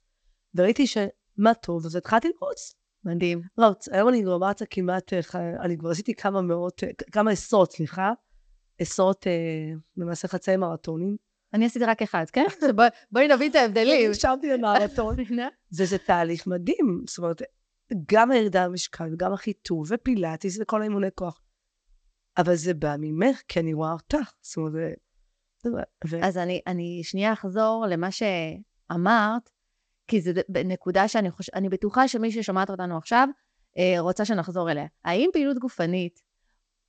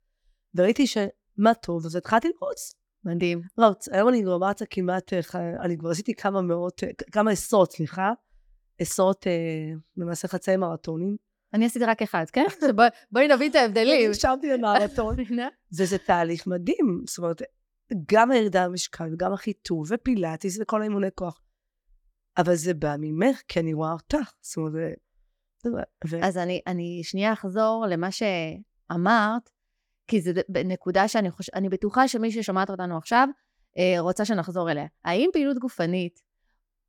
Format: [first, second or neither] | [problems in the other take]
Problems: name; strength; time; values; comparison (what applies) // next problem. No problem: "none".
second | garbled, watery; slightly; nothing above 8 kHz